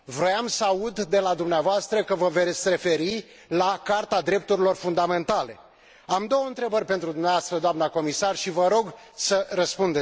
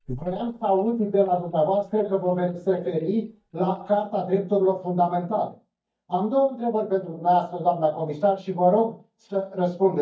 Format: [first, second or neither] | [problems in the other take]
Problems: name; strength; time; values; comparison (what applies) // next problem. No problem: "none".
first | noise reduction (neural mask model DeepFilterNet 3)